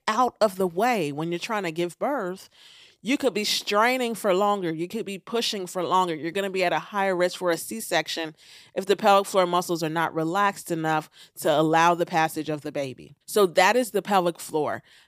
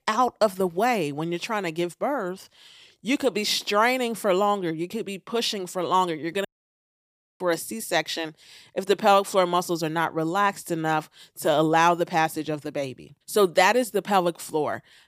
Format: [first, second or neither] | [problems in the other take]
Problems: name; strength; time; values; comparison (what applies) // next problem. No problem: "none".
first | audio cutting out; at 6.5 s for 1 s